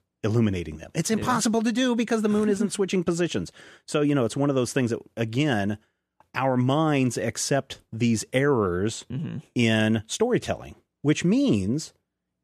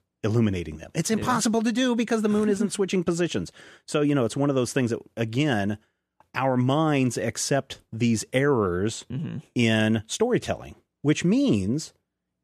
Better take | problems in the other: neither | none

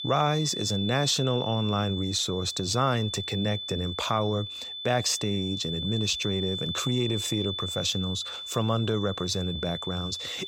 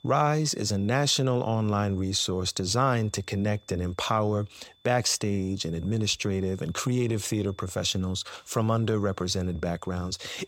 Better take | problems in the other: second | high-pitched whine; loud; throughout; 3.5 kHz, 5 dB below the speech; faint in the second

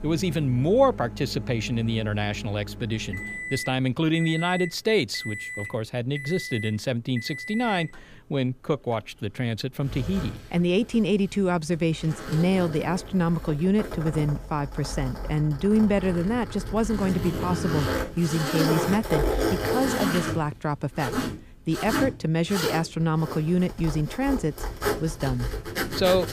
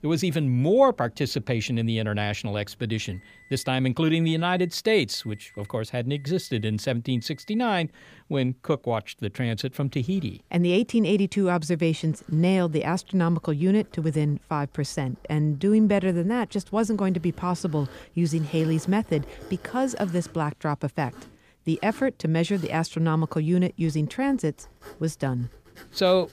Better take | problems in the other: second | household noises; loud; throughout; 6 dB below the speech; faint in the second

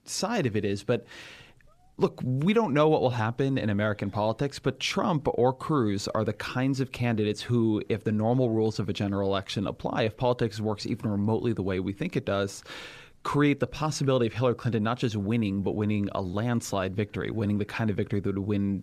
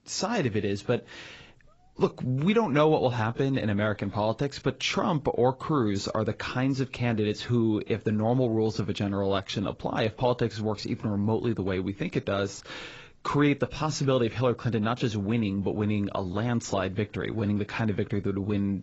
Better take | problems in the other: first | garbled, watery; badly; nothing above 7.5 kHz

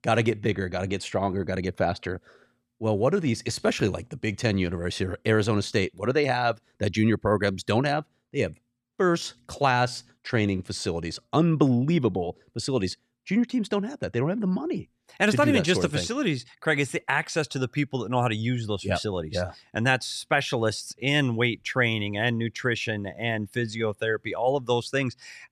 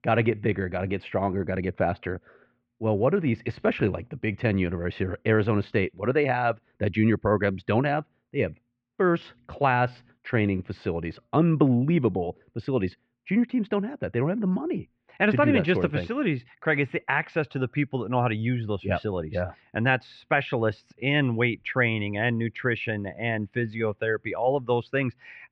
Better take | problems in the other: first | muffled; very; fading above 2.5 kHz

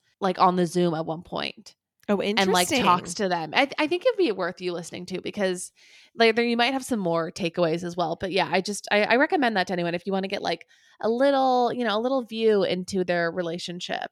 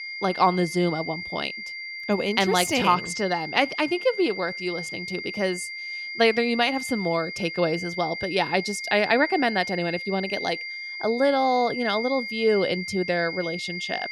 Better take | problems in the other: first | high-pitched whine; loud; throughout; 2 kHz, 7 dB below the speech

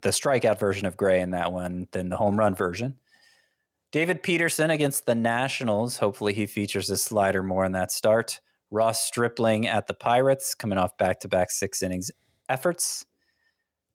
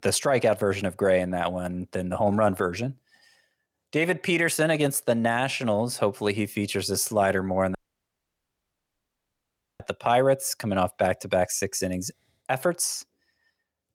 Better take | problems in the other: first | audio cutting out; at 8 s for 2 s

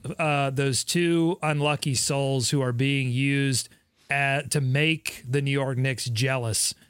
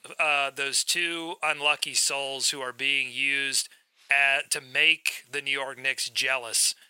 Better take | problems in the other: first | thin; very; fading below 800 Hz

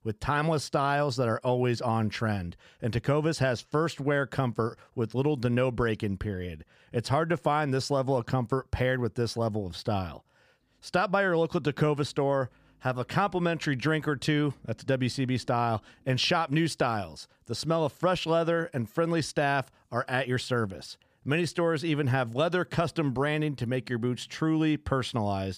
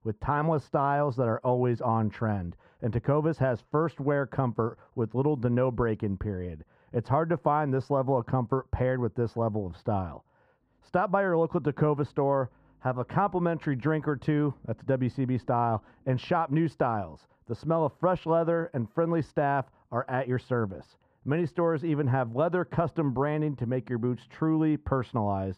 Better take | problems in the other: first | muffled; very; fading above 2.5 kHz

